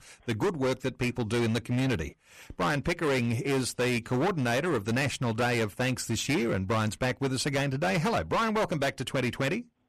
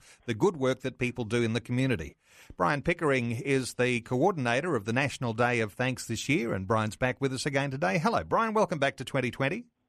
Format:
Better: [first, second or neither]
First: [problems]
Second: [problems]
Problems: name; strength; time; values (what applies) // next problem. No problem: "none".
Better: second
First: distortion; heavy; 18% of the sound clipped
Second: none